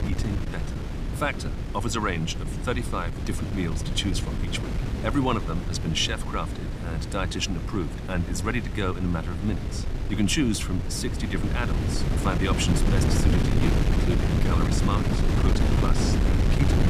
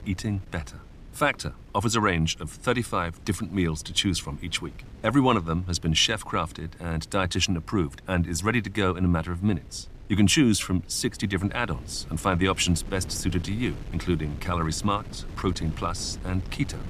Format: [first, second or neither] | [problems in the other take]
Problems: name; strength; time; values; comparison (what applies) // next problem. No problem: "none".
second | wind noise on the microphone; heavy; 4 dB below the speech; occasional gusts in the second